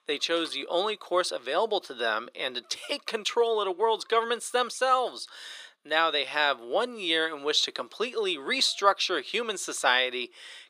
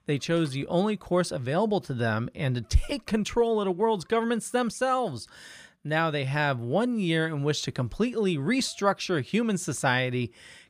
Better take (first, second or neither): second